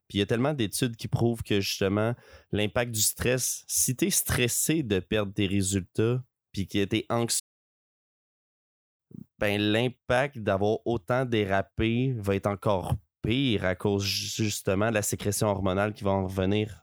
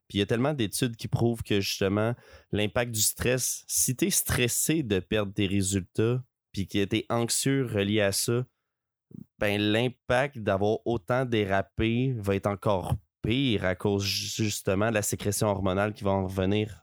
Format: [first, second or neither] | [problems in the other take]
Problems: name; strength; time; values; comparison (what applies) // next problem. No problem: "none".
second | audio cutting out; at 7.5 s for 1.5 s